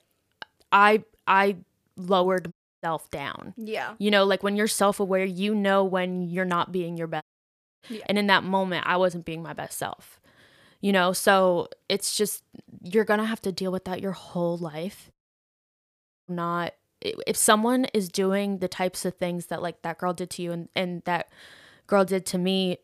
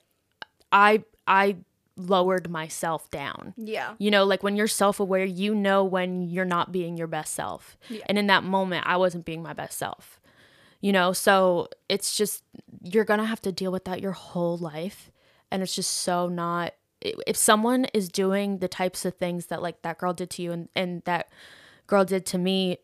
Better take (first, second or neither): second